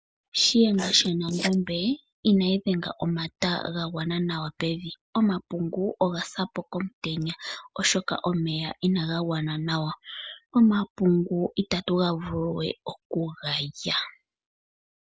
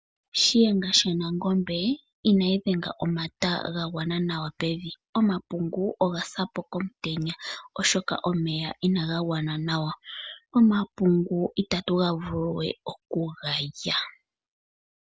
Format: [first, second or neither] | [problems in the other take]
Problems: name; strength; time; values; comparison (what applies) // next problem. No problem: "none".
second | noise reduction (neural mask model Resemble Enhance denoiser)